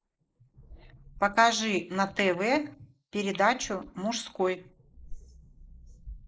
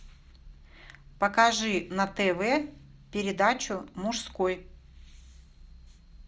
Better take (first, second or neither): second